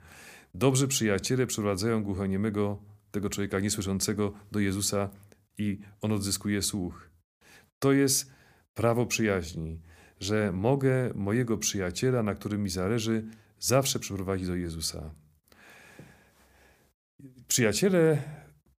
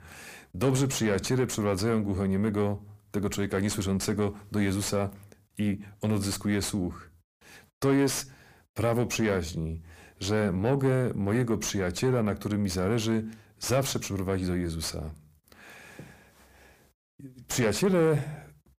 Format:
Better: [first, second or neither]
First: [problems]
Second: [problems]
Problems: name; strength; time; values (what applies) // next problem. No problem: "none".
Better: first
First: none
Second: distortion; slight; 9 dB below the speech